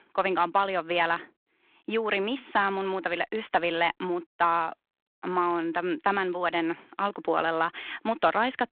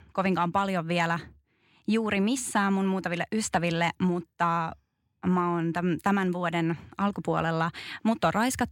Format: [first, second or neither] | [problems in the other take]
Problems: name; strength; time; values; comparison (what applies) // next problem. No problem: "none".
second | phone-call audio